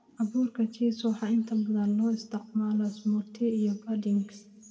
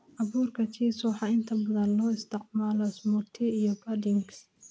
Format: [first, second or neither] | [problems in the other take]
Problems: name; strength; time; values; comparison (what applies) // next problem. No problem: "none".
second | room echo; dies away in 1 s